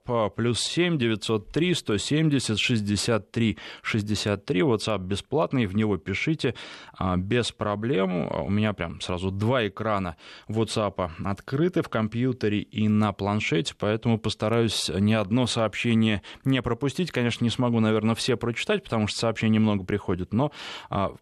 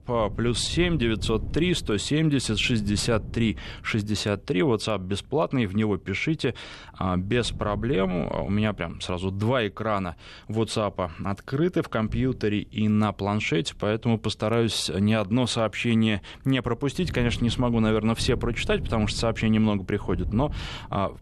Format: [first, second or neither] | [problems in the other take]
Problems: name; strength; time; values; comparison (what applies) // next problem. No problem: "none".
first | wind noise on the microphone; occasional gusts; 20 dB below the speech